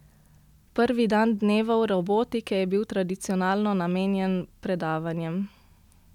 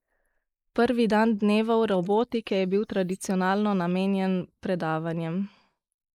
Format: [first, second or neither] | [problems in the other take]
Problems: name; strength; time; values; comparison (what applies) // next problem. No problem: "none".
first | noise reduction (neural mask model Resemble Enhance denoiser)